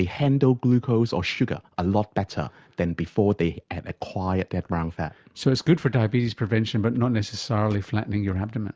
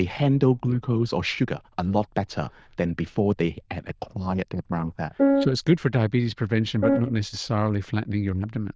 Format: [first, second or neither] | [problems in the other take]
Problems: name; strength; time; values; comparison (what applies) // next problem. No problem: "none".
first | noise reduction (neural diffusion model UNIVERSE++)